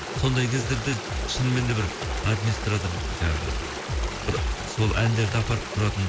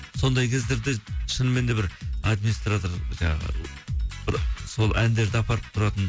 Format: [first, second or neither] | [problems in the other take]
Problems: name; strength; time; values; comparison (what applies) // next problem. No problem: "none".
second | background sound (Stream); 8 dB below the speech